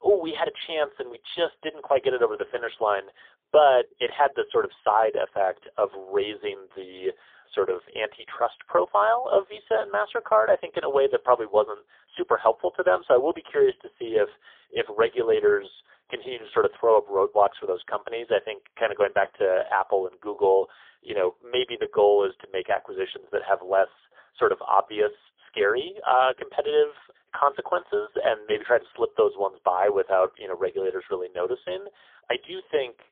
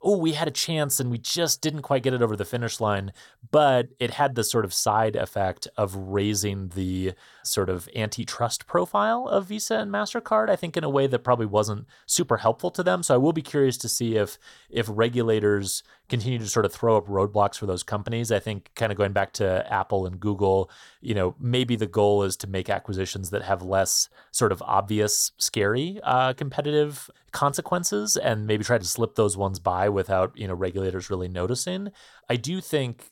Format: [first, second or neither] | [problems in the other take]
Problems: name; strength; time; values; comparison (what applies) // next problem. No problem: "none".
second | phone-call audio; poor line; nothing above 3.5 kHz